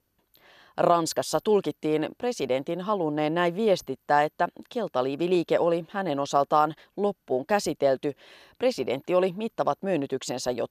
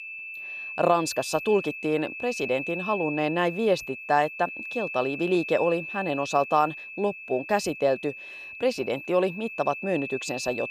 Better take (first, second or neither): first